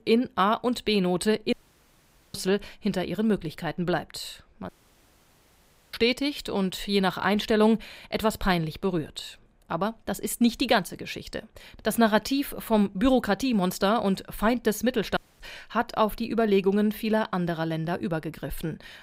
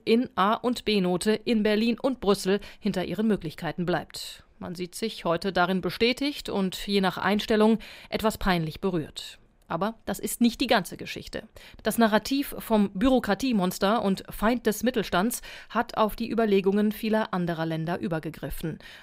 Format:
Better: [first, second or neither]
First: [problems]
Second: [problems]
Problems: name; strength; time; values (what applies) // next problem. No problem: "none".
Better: second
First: audio cutting out; at 1.5 s for 1 s, at 4.5 s for 1 s and at 15 s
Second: none